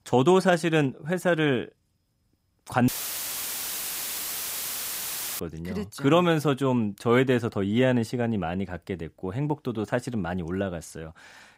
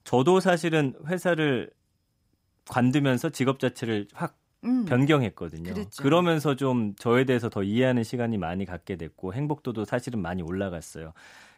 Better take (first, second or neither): second